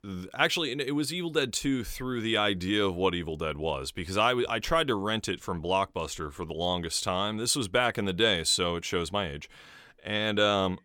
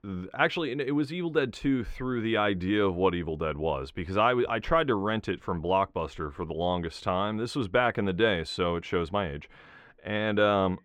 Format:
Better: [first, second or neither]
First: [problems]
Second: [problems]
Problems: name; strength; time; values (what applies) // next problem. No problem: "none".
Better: first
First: none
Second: muffled; slightly; fading above 4 kHz